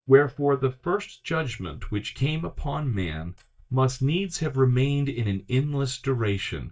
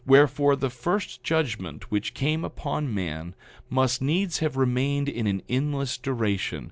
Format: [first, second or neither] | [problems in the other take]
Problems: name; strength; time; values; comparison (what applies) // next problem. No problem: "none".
second | noise reduction (neural mask model DeepFilterNet 3)